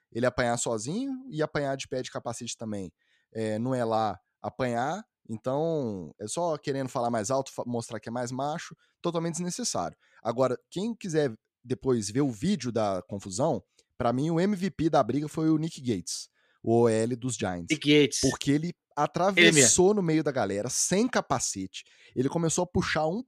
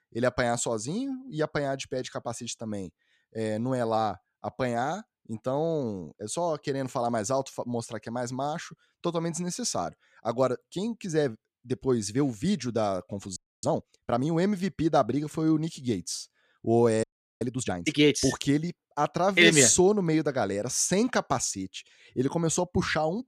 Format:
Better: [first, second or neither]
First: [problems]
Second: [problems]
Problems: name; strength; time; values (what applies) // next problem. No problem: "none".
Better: first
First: none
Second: audio freezing; at 13 s and at 17 s